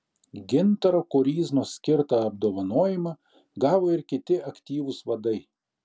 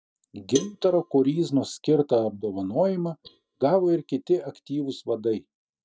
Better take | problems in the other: first | noise reduction (neural mask model DeepFilterNet 3)

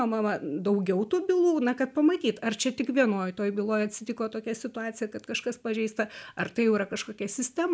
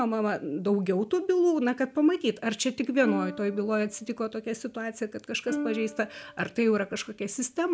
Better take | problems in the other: first | background sound (Plucked string instrument); 11 dB below the speech

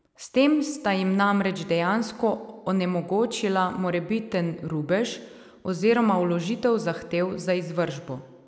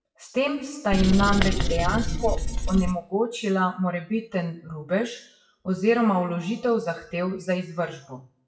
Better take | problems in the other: first | noise reduction (classical method WPE with log-MMSE)

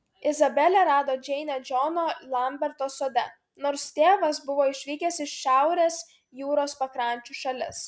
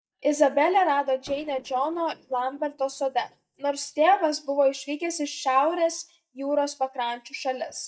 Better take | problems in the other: first | noise reduction (neural mask model DeepFilterNet 3)

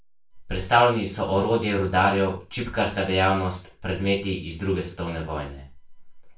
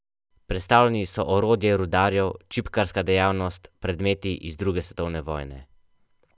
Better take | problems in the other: second | room echo; dies away in 0.3 s

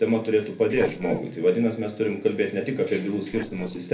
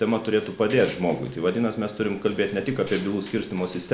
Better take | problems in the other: second | noise reduction (neural separator model SepFormer DNS4)

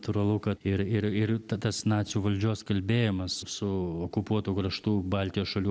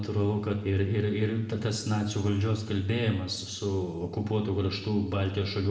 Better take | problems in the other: first | room echo; dies away in 0.9 s

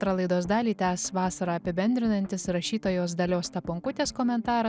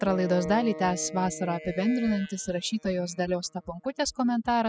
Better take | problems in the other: first | noise reduction (classical method spectral subtraction)

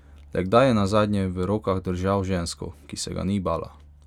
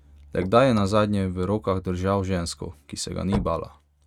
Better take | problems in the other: first | noise reduction (neural mask model RNNoise)

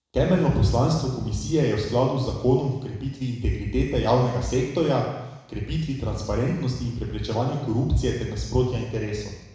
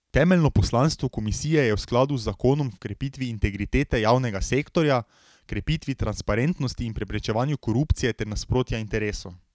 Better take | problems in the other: second | room echo; dies away in 1 s

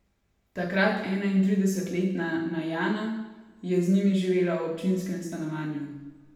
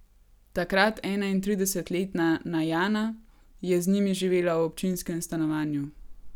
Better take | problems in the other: second | room echo; dies away in 0.9 s

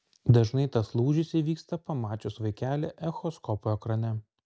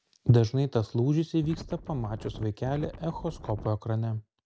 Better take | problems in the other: first | background sound (Wind); 13 dB below the speech

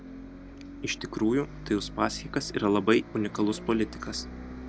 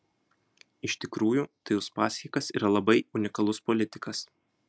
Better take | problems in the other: second | background sound (Bus); 13 dB below the speech

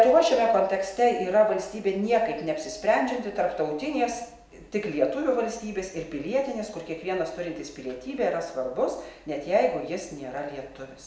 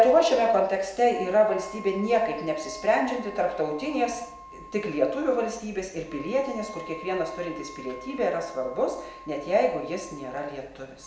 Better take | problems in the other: first | background sound (Wind instrument, woodwind instrument); 18 dB below the speech

